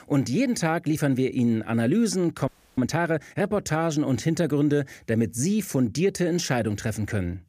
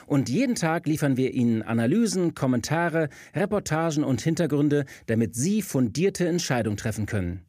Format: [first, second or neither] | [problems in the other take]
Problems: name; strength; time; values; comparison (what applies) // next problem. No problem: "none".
second | audio freezing; at 2.5 s